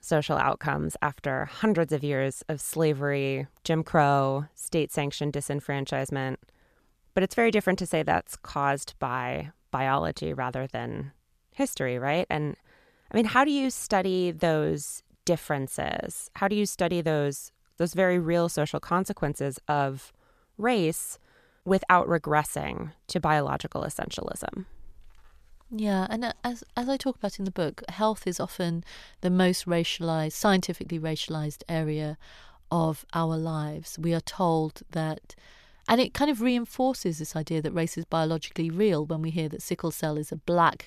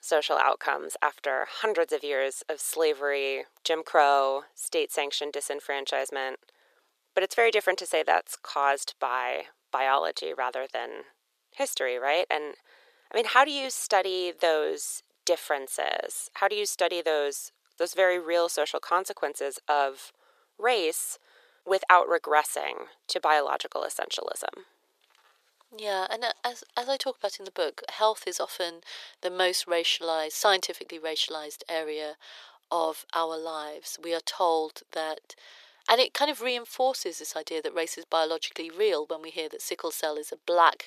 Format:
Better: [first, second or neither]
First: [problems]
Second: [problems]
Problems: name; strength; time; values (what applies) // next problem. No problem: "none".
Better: first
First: none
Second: thin; very; fading below 400 Hz